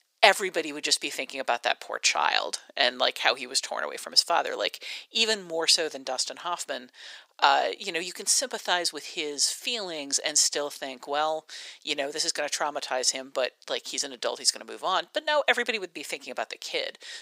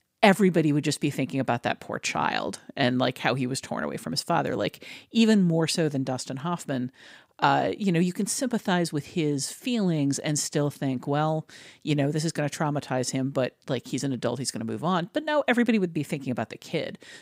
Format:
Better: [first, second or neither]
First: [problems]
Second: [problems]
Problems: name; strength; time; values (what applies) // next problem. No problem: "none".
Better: second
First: thin; very; fading below 500 Hz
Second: none